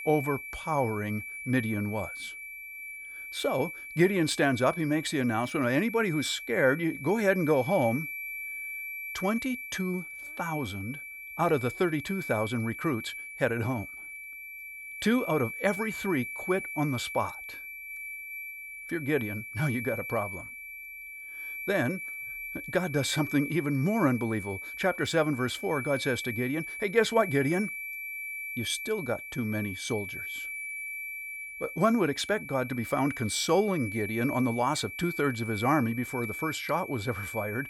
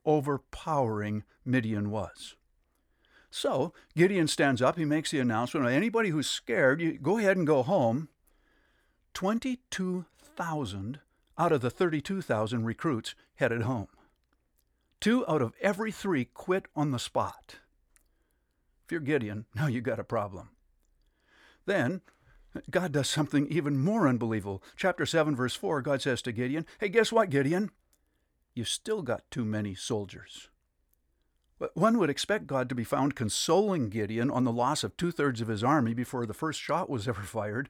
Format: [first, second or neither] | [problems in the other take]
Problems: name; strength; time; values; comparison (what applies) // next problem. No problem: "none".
second | high-pitched whine; loud; throughout; 2.5 kHz, 8 dB below the speech